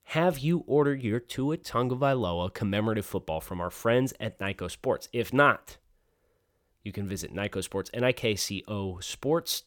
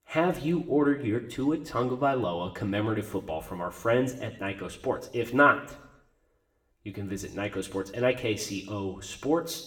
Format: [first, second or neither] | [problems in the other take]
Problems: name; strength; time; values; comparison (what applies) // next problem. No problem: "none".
first | room echo; very slight; dies away in 0.7 s // off-mic speech; somewhat distant